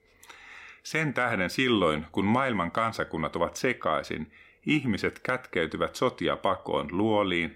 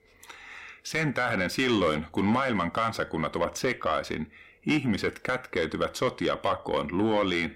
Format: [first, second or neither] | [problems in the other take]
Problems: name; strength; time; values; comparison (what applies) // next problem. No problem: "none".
first | distortion; slight; 10 dB below the speech